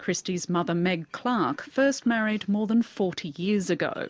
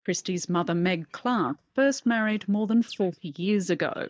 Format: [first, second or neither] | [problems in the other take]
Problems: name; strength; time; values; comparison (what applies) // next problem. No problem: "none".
first | noise reduction (neural mask model DeepFilterNet 3)